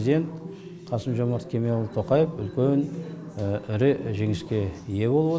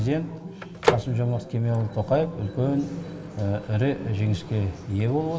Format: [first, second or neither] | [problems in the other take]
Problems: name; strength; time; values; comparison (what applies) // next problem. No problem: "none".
first | background sound (Microwave oven); 8 dB below the speech // room echo; dies away in 1 s